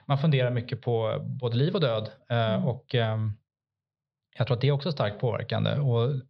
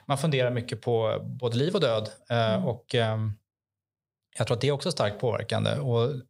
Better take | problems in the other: second | muffled; very slightly; fading above 4 kHz

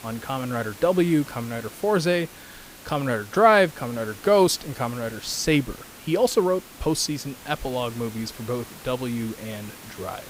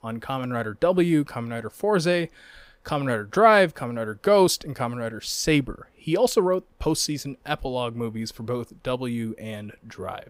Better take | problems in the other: second | hiss; noticeable; throughout; 20 dB below the speech

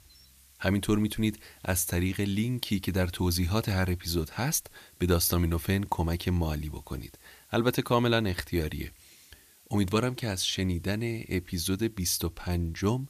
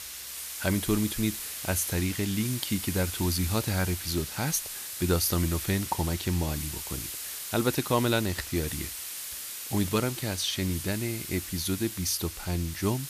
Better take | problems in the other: first | hiss; loud; throughout; 6 dB below the speech; faint in the first

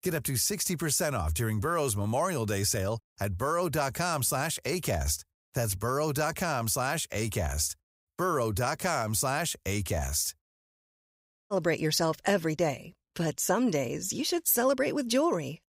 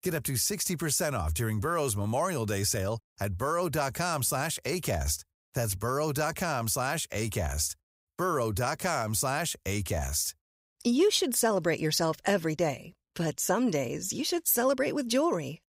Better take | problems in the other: second | audio cutting out; at 11 s for 1 s

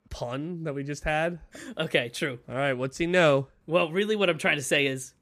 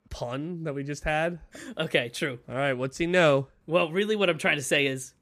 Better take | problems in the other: neither | none

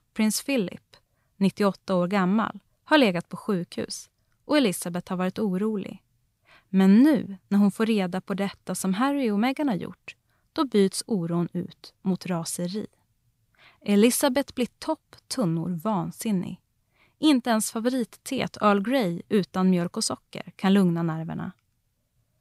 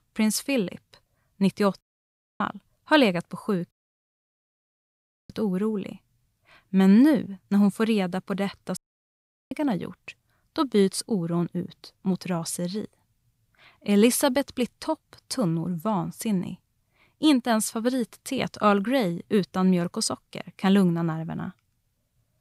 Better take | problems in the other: first | audio cutting out; at 2 s for 0.5 s, at 3.5 s for 1.5 s and at 9 s for 0.5 s

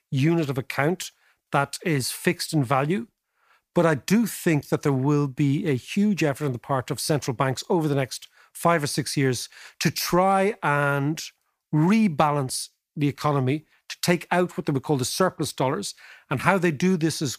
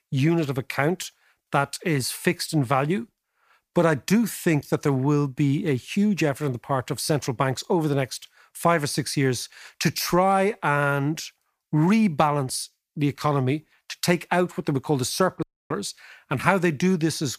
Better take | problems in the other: first | audio cutting out; at 15 s

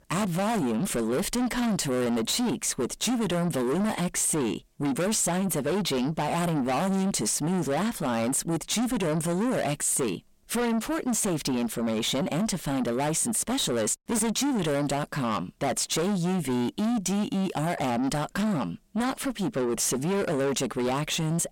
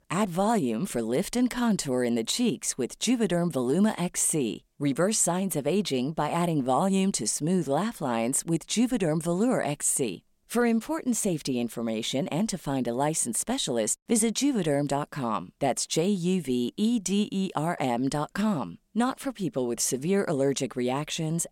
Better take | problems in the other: second | distortion; heavy; 6 dB below the speech

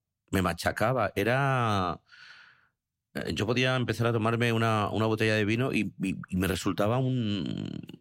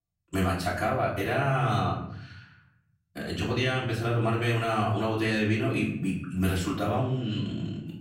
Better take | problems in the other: first | off-mic speech; far // room echo; noticeable; dies away in 0.7 s

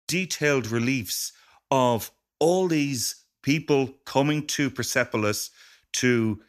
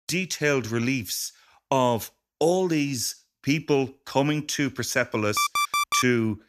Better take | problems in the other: first | alarm; loud; at 5.5 s; peak 2 dB above the speech

